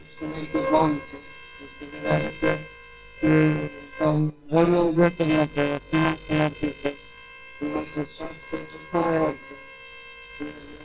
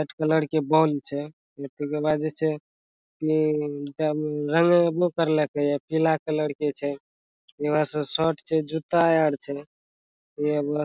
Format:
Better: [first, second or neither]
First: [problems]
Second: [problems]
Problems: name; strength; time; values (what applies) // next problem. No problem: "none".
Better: second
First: noise reduction (neural separator model SepFormer WHAMR!)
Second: none